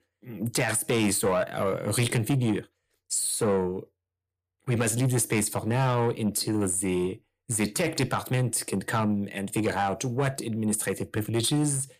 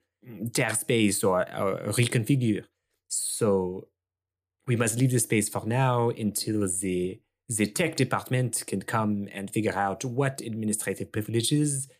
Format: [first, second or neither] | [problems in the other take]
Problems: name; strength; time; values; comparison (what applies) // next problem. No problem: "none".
second | distortion; slight; 10 dB below the speech